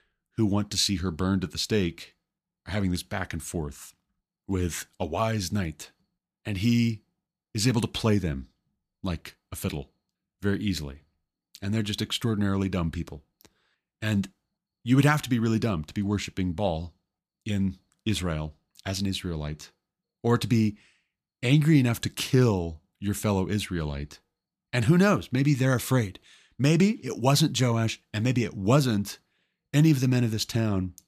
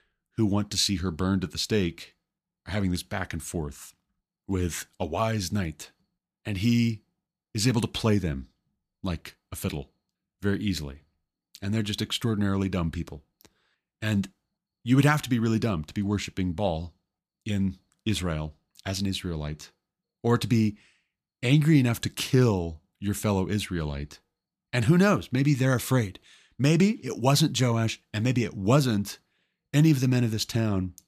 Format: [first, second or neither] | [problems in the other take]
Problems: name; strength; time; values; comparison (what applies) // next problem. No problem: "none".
neither | none